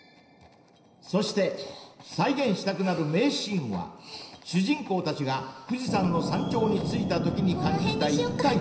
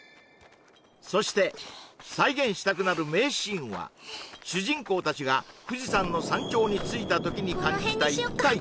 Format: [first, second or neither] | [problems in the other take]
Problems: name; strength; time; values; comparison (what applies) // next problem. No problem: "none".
second | room echo; dies away in 0.9 s